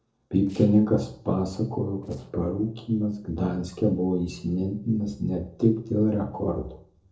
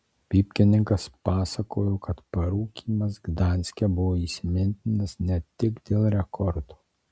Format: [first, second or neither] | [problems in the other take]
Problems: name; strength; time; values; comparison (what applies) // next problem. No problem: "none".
second | noise reduction (neural separator model SepFormer DNS4)